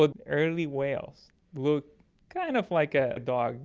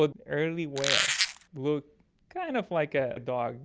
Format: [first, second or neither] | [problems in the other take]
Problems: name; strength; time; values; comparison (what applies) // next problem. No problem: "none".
first | background sound (Squeak); 3 dB above the speech